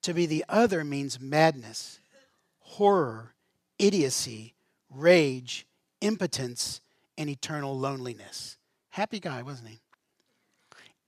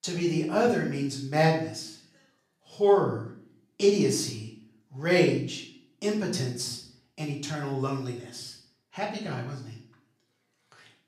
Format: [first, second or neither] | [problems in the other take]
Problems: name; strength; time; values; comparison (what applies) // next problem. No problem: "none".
first | room echo; slight; dies away in 0.5 s // off-mic speech; far